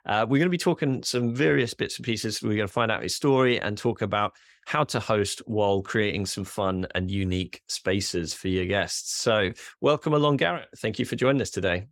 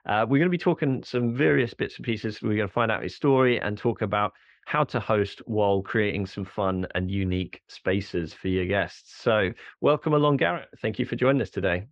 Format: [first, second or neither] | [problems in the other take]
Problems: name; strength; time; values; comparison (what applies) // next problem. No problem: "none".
first | muffled; very; fading above 3 kHz